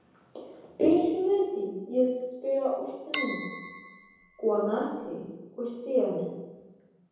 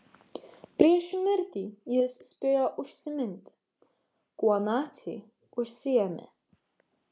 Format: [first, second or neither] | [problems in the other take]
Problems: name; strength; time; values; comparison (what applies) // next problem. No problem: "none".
second | background sound (Chink, clink); 11 dB below the speech // room echo; dies away in 1.1 s